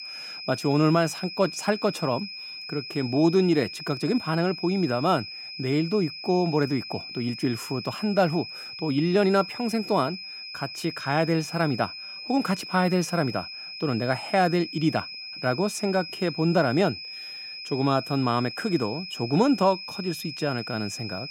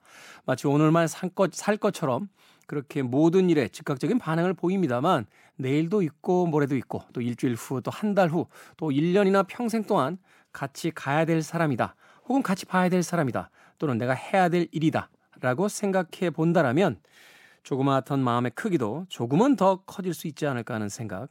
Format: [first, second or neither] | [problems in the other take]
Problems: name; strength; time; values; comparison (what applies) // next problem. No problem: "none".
second | high-pitched whine; loud; throughout; 5 kHz, 10 dB below the speech